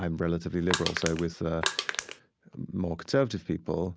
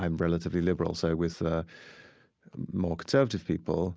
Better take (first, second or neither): second